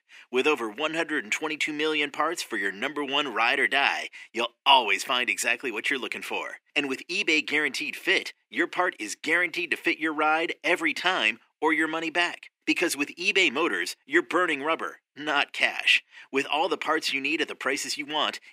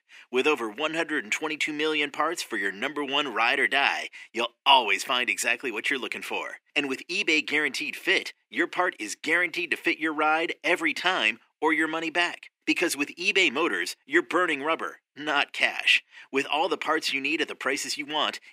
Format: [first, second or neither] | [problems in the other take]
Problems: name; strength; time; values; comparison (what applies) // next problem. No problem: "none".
neither | thin; somewhat; fading below 300 Hz; the same in both